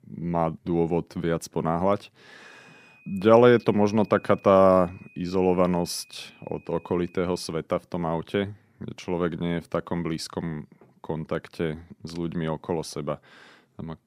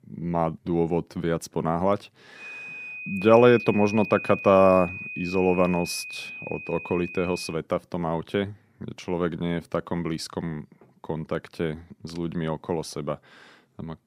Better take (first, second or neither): first